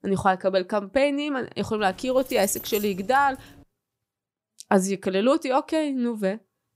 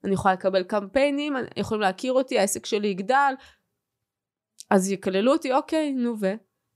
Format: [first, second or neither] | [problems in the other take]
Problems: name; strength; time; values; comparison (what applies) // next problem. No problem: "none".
second | jangling keys; noticeable; from 2 to 3.5 s; peak 9 dB below the speech